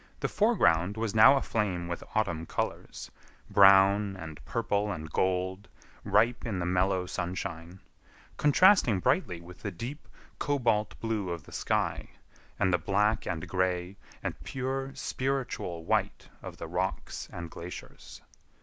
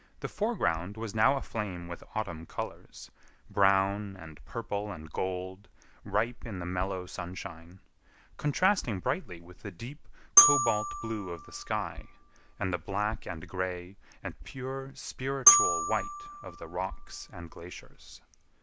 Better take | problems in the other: first | background sound (Glockenspiel); 3 dB above the speech

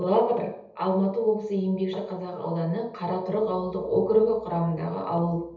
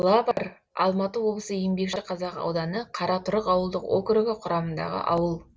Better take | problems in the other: second | room echo; dies away in 0.8 s

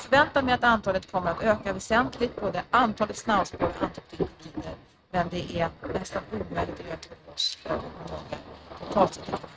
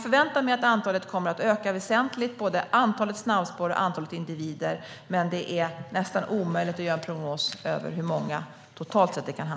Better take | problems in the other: second | noise reduction (neural mask model RNNoise)

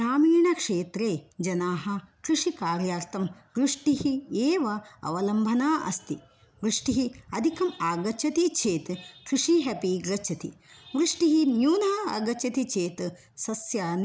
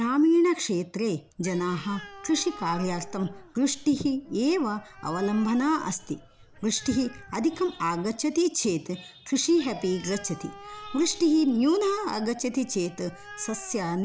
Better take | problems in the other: first | background sound (Animal); 19 dB below the speech

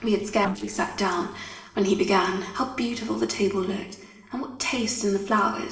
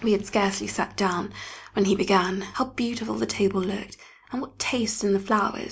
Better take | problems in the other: second | noise reduction (neural separator model SepFormer DNS4)

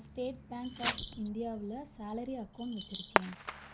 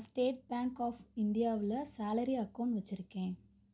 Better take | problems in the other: second | background sound (Bird vocalization, bird call, bird song + Fireworks); 1 dB above the speech

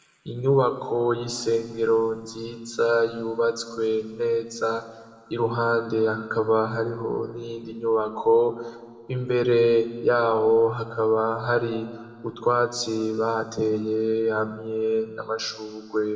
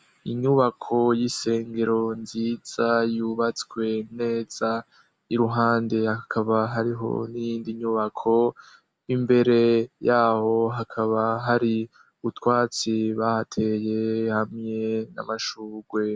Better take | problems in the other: second | room echo; dies away in 1.5 s

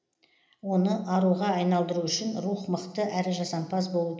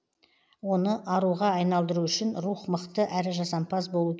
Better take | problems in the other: second | room echo; dies away in 0.8 s

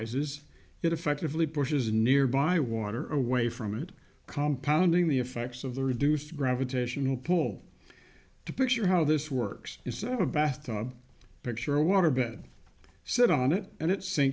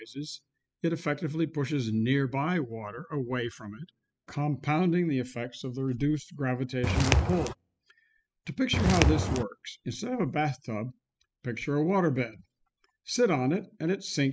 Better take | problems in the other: first | noise reduction (classical method spectral subtraction)

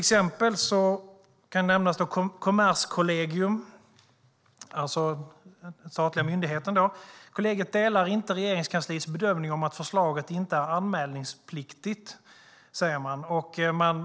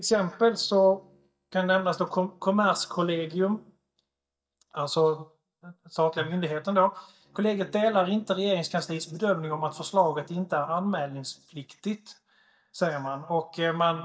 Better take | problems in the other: first | noise reduction (neural mask model DeepFilterNet 3)

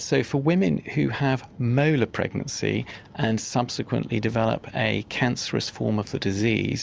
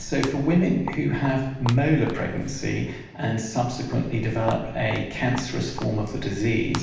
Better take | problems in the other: first | background sound (Walk, footsteps); 12 dB below the speech // room echo; dies away in 0.9 s

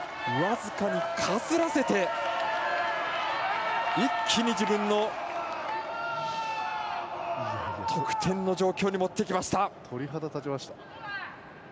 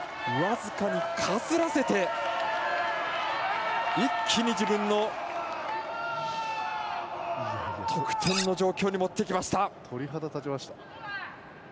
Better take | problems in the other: first | background sound (Cutlery, silverware); 8 dB below the speech

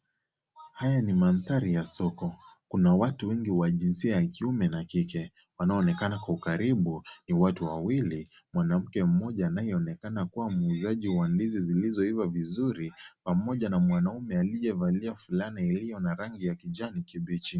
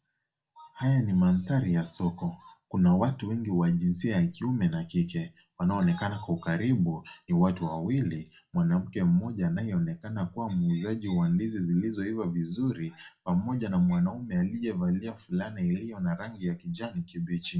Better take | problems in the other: first | room echo; dies away in 0.3 s

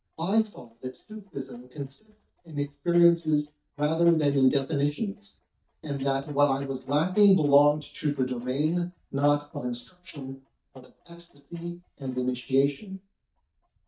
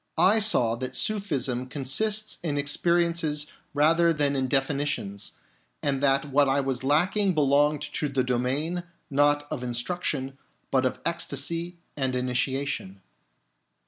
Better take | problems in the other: second | noise reduction (neural mask model DeepFilterNet 3)

